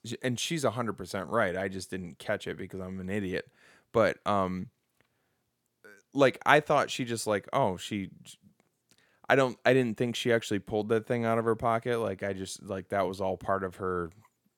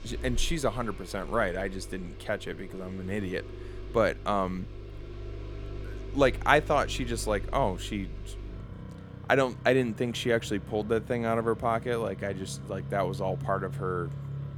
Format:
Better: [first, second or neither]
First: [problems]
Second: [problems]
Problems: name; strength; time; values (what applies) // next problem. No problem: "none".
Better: first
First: none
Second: traffic noise; noticeable; throughout; 10 dB below the speech